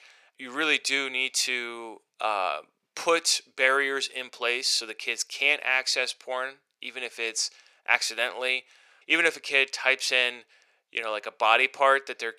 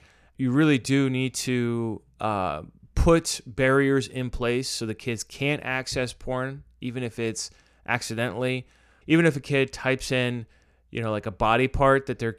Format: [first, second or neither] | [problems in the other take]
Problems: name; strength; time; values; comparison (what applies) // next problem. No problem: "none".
second | thin; very; fading below 550 Hz